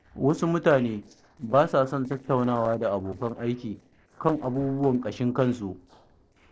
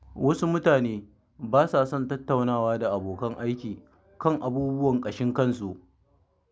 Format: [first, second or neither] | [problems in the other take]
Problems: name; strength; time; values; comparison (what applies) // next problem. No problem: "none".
second | noise reduction (neural separator model SepFormer DNS4)